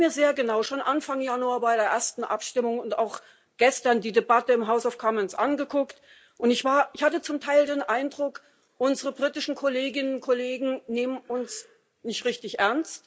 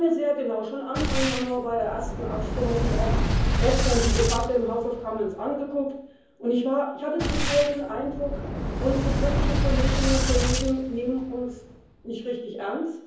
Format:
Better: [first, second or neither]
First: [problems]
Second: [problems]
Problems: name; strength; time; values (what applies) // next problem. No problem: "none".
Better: first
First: none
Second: background sound (Boom); as loud as the speech // room echo; dies away in 0.7 s